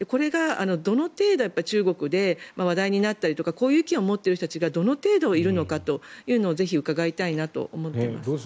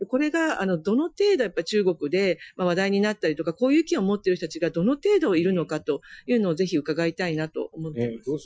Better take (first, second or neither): first